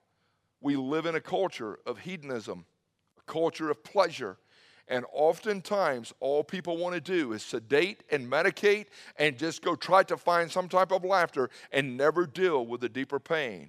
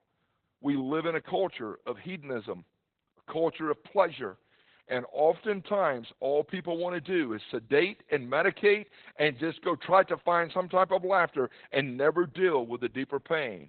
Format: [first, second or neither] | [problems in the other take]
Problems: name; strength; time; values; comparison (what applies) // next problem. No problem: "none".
first | garbled, watery; badly; nothing above 4 kHz